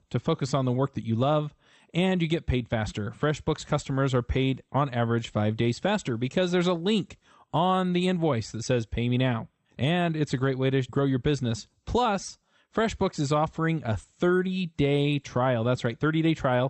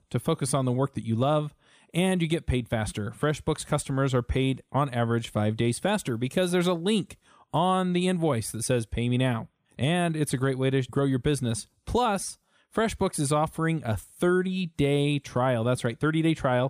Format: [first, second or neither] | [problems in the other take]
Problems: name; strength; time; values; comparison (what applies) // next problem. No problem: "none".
second | garbled, watery; slightly; nothing above 8 kHz